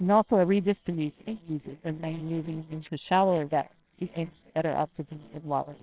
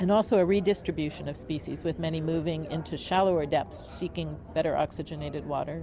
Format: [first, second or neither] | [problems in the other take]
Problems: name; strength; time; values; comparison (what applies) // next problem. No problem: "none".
second | noise reduction (neural separator model SepFormer WHAMR!)